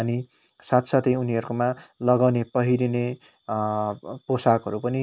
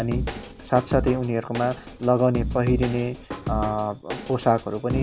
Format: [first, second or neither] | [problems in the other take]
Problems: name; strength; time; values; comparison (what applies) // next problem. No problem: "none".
first | background sound (Drum kit); 7 dB below the speech